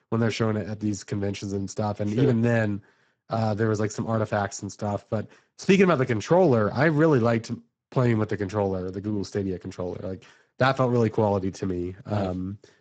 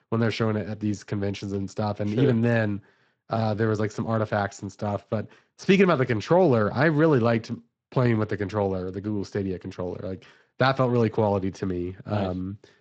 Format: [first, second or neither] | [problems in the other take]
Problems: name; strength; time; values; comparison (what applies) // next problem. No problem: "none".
second | garbled, watery; badly; nothing above 7.5 kHz; slightly in the second